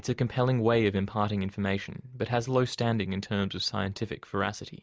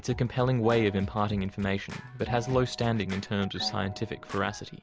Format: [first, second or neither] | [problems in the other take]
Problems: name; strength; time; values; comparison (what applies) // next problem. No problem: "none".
first | background sound (Scratching (performance technique) + Gong); 13 dB below the speech